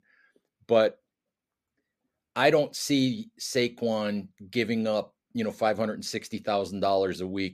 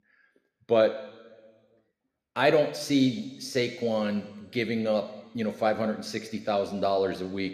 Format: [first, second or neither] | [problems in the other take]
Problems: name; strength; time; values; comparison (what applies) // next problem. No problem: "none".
first | room echo; slight; dies away in 1.3 s